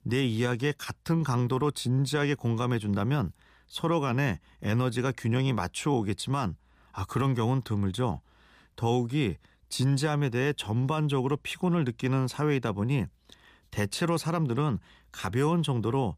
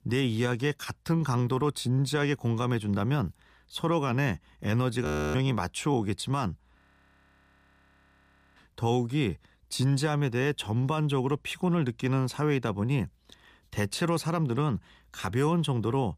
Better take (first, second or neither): first